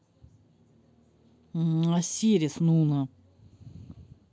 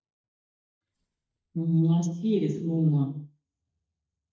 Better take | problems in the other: first | noise reduction (neural mask model DeepFilterNet 3)

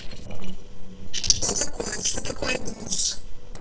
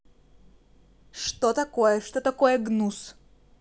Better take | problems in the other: second | noise reduction (neural separator model SepFormer DNS4)

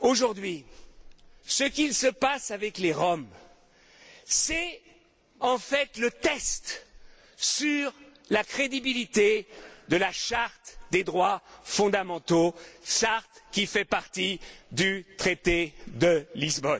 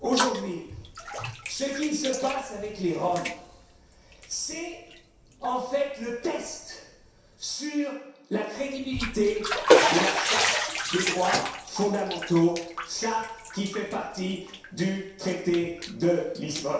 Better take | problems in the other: first | background sound (Bathtub (filling or washing)); 2 dB below the speech // room echo; dies away in 0.7 s

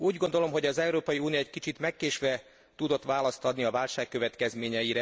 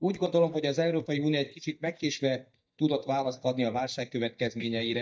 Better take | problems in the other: first | noise reduction (neural mask model DeepFilterNet 3)

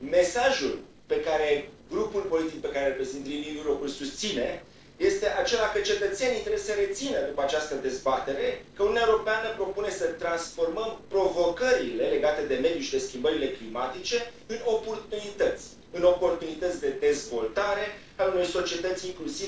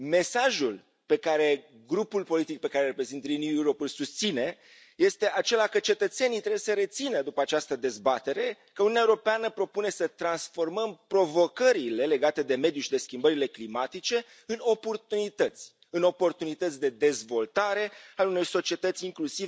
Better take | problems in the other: second | noise reduction (neural separator model SepFormer DNS4)

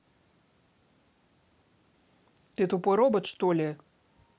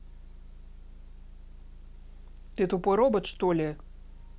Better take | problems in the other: first | background sound (Motor vehicle (road) / Engine); 14 dB below the speech

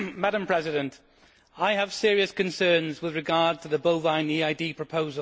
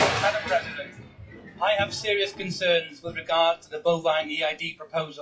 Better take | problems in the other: first | noise reduction (classical method WPE with log-MMSE)

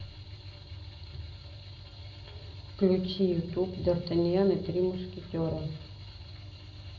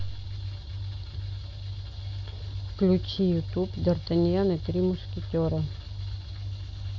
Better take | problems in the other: second | room echo; dies away in 0.5 s

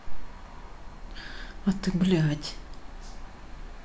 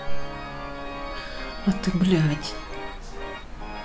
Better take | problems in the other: first | background sound (Organ); 11 dB below the speech

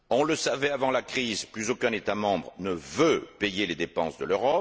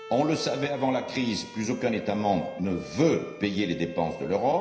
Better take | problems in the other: first | background sound (Bowed string instrument); 15 dB below the speech // room echo; dies away in 0.9 s

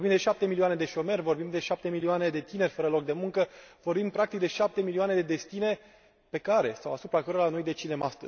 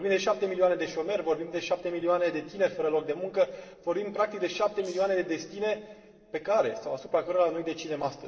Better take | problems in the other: first | noise reduction (neural separator model SepFormer DNS4)

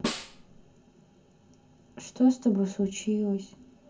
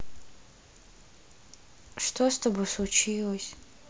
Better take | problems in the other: second | background sound (Snare drum); 8 dB below the speech // room echo; dies away in 0.3 s

